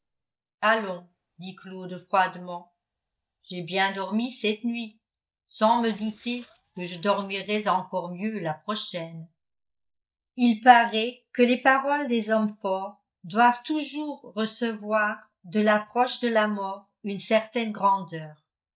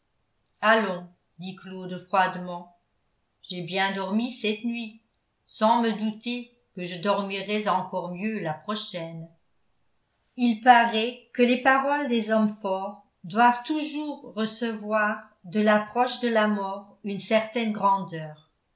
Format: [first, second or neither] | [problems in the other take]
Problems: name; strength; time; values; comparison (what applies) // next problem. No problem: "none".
second | noise reduction (neural mask model DeepFilterNet 3)